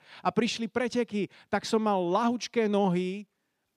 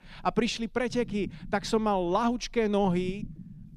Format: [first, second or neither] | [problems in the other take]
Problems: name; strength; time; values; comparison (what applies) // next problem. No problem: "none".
first | low rumble; faint; throughout; 25 dB below the speech